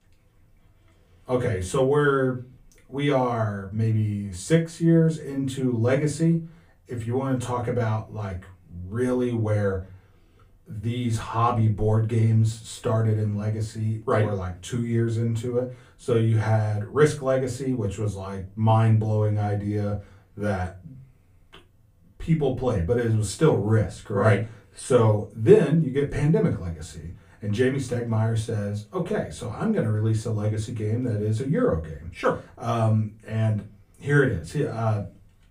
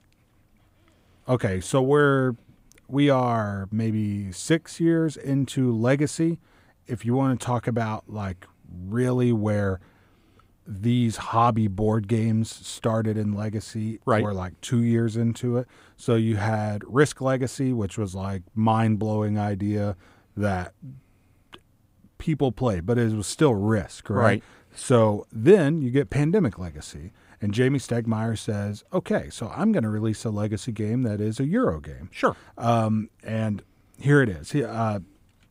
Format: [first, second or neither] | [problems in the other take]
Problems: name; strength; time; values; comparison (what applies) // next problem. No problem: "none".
second | off-mic speech; far // room echo; very slight; dies away in 0.2 s